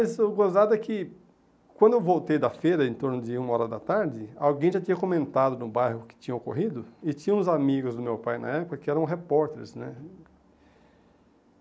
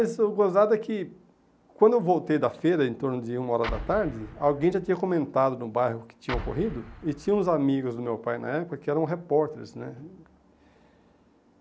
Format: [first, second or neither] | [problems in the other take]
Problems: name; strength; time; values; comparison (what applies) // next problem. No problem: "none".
first | background sound (Explosion); 11 dB below the speech